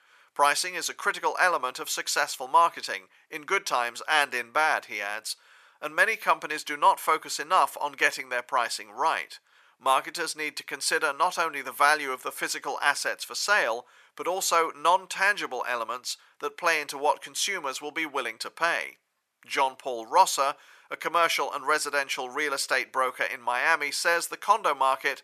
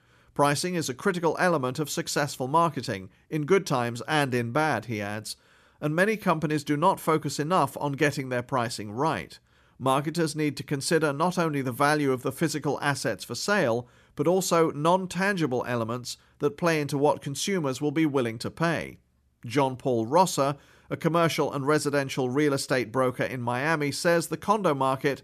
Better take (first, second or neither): second